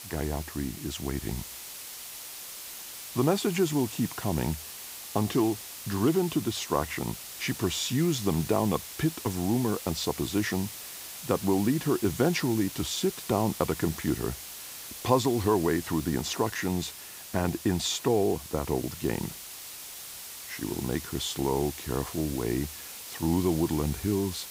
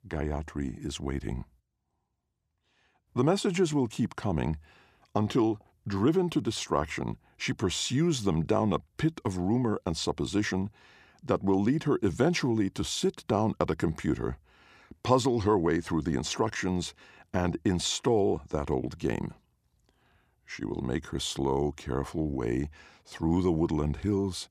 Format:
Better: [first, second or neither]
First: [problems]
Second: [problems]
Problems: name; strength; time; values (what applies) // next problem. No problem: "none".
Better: second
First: hiss; loud; throughout; 10 dB below the speech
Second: none